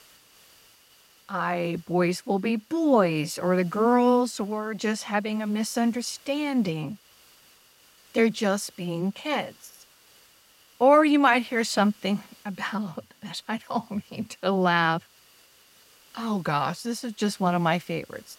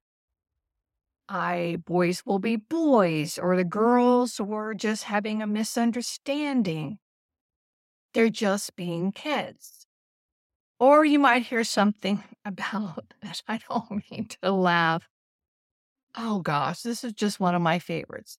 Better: second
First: hiss; faint; throughout; 30 dB below the speech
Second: none

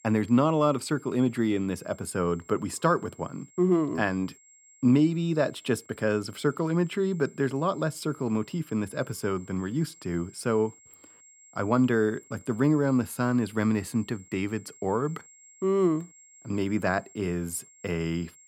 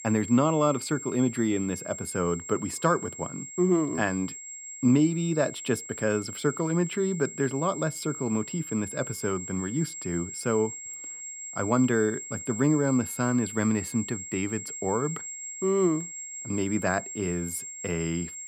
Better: first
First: high-pitched whine; faint; throughout; 7.5 kHz, 25 dB below the speech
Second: high-pitched whine; loud; throughout; 7.5 kHz, 9 dB below the speech

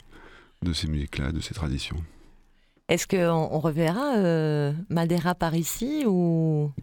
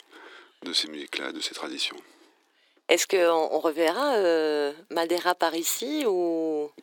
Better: first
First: none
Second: thin; very; fading below 300 Hz

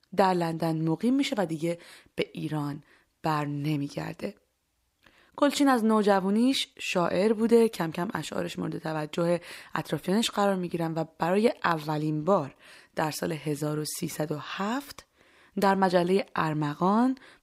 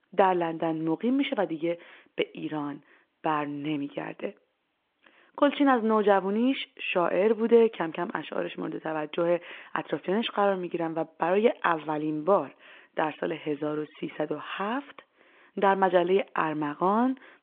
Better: first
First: none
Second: phone-call audio

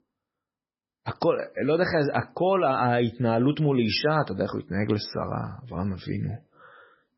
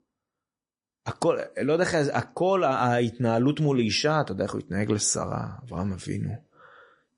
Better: second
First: garbled, watery; badly; nothing above 5.5 kHz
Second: garbled, watery; slightly; nothing above 10.5 kHz

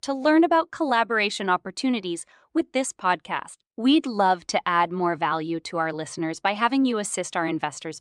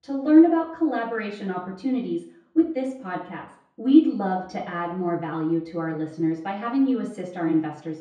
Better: first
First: none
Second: room echo; noticeable; dies away in 0.6 s // off-mic speech; far

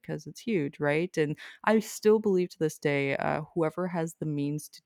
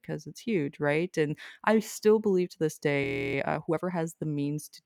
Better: first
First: none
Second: audio freezing; at 3 s

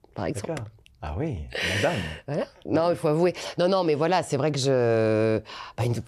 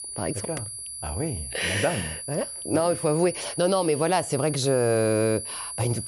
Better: first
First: none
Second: high-pitched whine; loud; throughout; 9.5 kHz, 7 dB below the speech

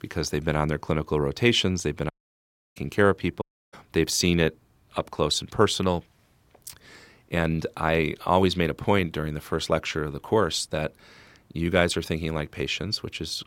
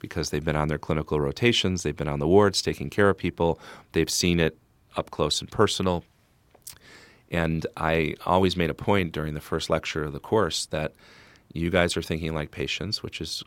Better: second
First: audio cutting out; at 2 s for 0.5 s and at 3.5 s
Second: none

